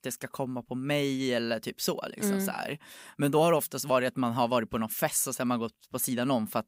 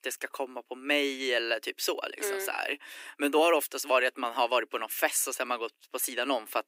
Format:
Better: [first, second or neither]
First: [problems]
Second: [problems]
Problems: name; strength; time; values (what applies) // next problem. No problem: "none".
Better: first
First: none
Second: thin; somewhat; fading below 300 Hz